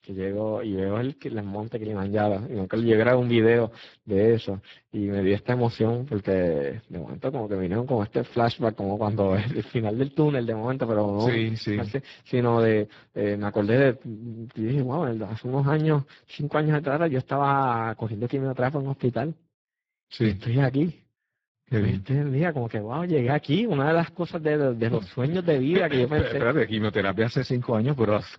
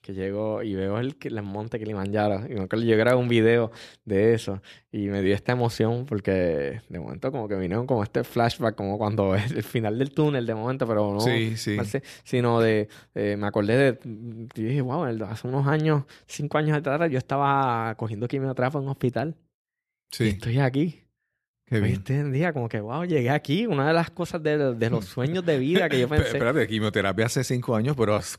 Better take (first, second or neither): second